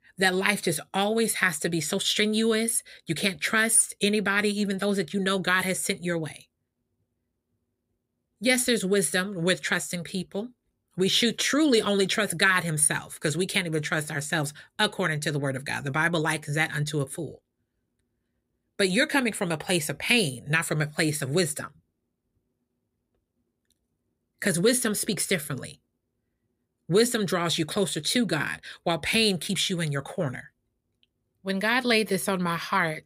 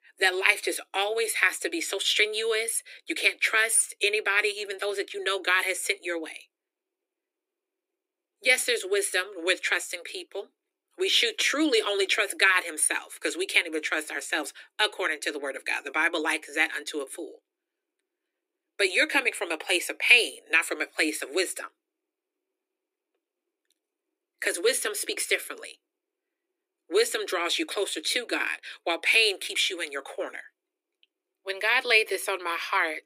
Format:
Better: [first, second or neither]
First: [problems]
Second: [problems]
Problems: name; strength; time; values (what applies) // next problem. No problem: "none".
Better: first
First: none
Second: thin; very; fading below 300 Hz